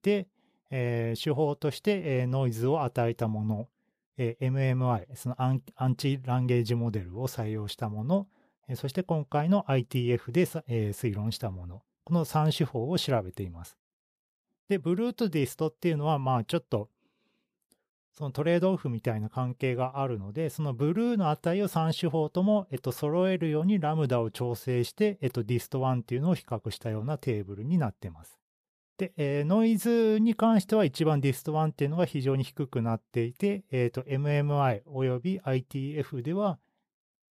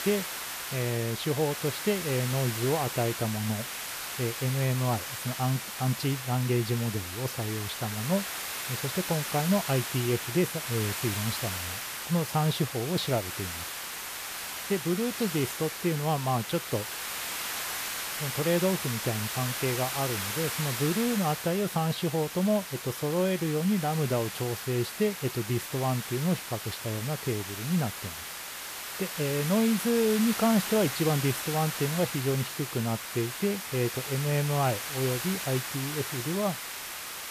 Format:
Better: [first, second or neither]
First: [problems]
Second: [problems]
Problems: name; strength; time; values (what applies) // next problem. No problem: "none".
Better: first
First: none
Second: hiss; loud; throughout; 4 dB below the speech